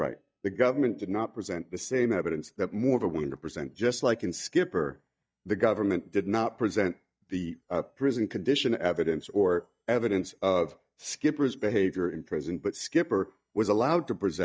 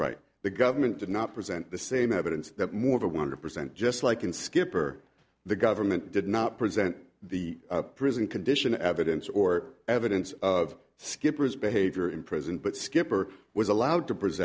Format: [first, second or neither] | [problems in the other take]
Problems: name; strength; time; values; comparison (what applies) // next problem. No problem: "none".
second | noise reduction (neural mask model DeepFilterNet 3)